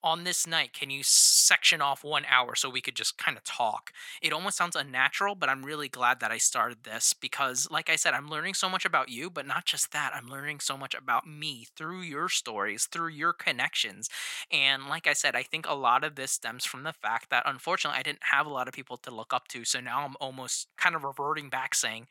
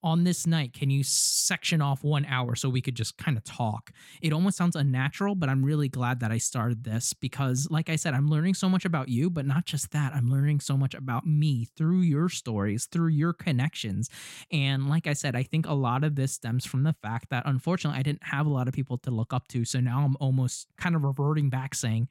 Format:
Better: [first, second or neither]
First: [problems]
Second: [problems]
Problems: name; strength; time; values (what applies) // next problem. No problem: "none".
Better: second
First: thin; very; fading below 750 Hz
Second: none